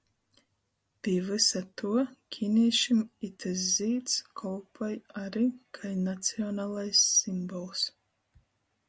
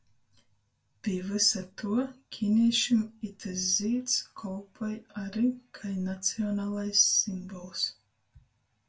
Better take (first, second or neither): first